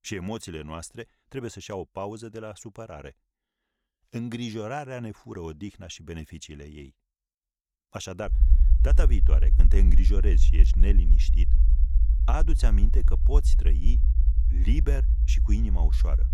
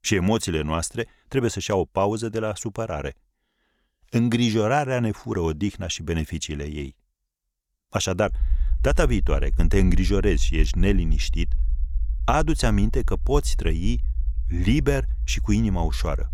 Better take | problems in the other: second | low rumble; loud; from 8.5 s on; 8 dB below the speech; faint in the second

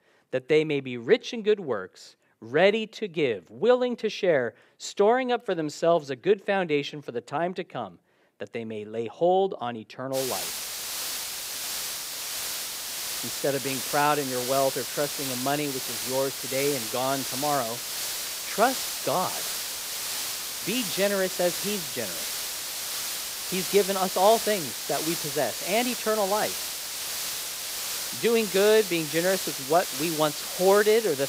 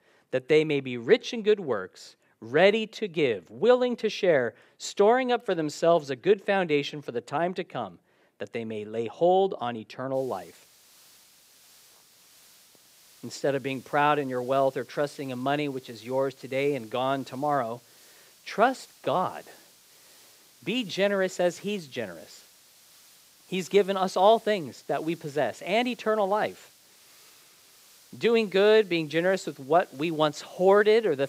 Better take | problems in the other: second | hiss; loud; from 10 s on; 3 dB below the speech; faint in the second

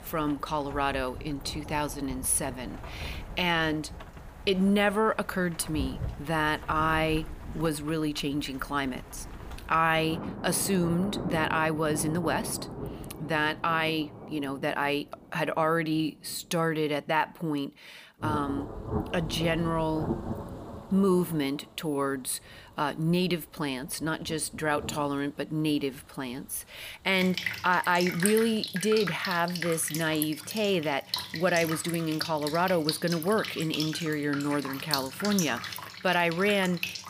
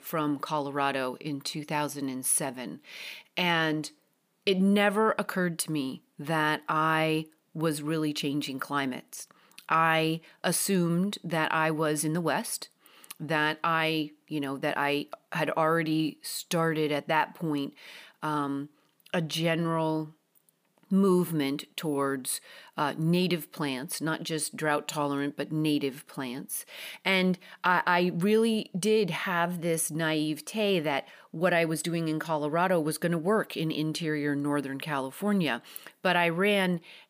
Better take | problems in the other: second | rain or running water; loud; throughout; 9 dB below the speech

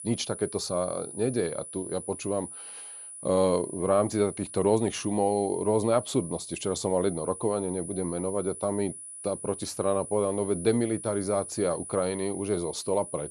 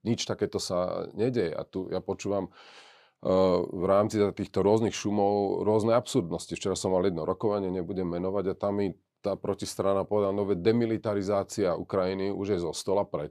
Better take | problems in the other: second | high-pitched whine; noticeable; throughout; 10 kHz, 10 dB below the speech

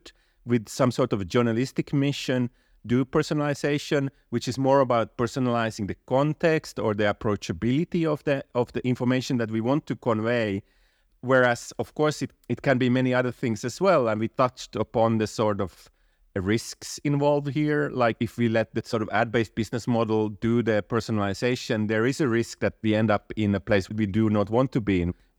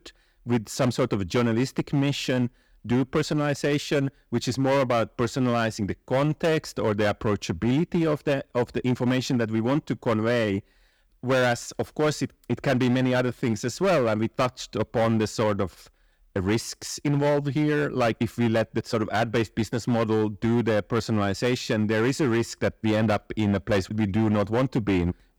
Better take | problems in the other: first | distortion; slight; 13% of the sound clipped

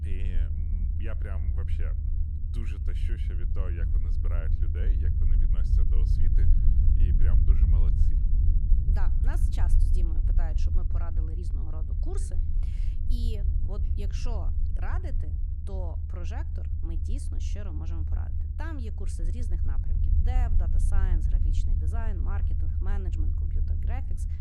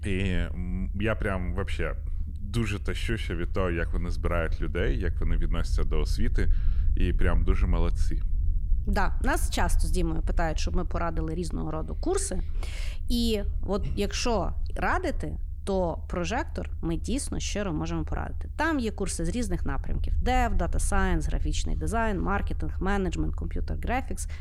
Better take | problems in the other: second | low rumble; loud; throughout; 1 dB below the speech; faint in the second

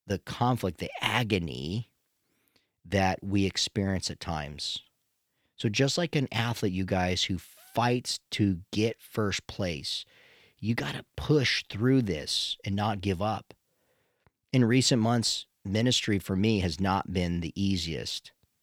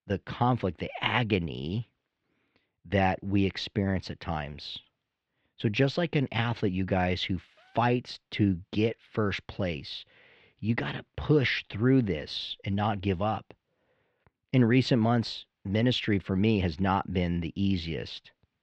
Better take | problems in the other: first | muffled; slightly; fading above 3 kHz

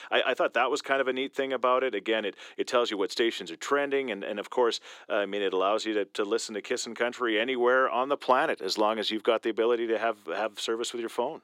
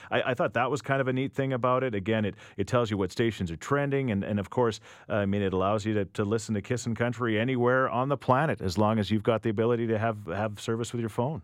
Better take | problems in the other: second | thin; somewhat; fading below 350 Hz

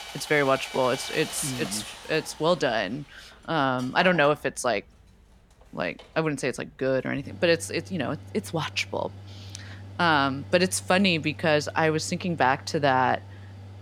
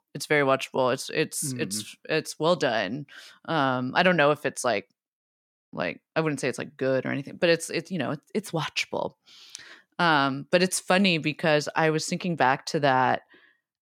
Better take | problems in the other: second | machinery noise; noticeable; throughout; 15 dB below the speech

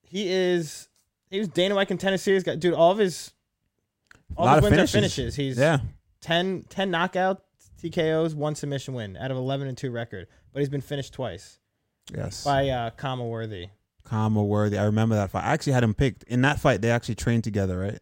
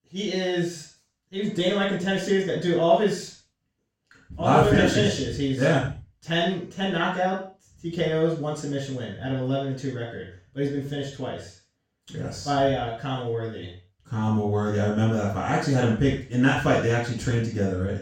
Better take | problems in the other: first | room echo; noticeable; dies away in 0.4 s // off-mic speech; far

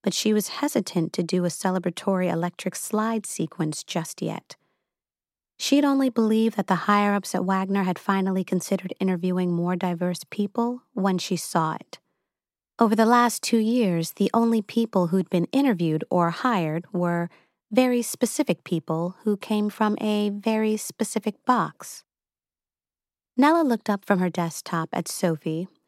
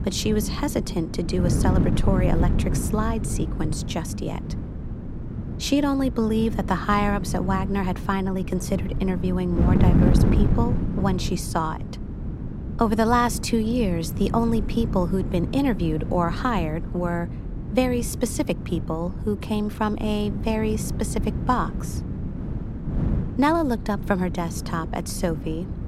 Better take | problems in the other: first | wind noise on the microphone; heavy; 9 dB below the speech

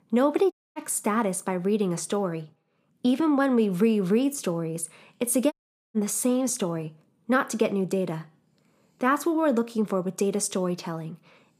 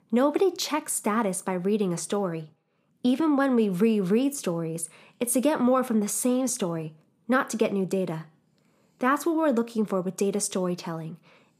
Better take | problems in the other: second | audio cutting out; at 0.5 s and at 5.5 s

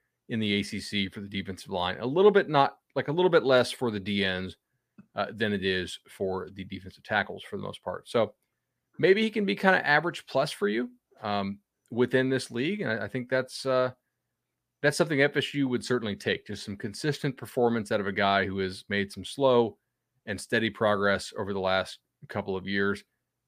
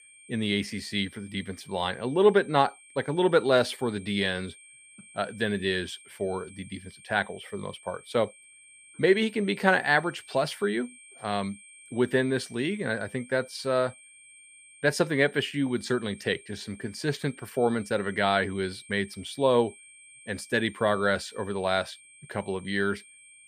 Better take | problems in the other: first | high-pitched whine; faint; throughout; 2.5 kHz, 20 dB below the speech

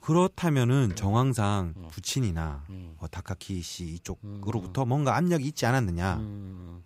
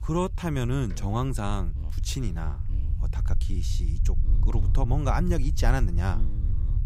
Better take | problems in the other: first | low rumble; noticeable; throughout; 15 dB below the speech

